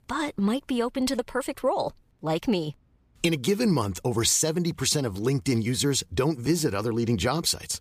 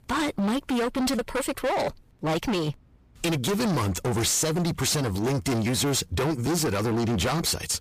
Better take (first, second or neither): first